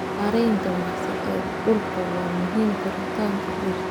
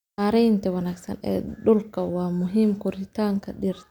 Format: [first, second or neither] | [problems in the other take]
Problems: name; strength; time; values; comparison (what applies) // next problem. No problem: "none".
second | background sound (Truck); 2 dB below the speech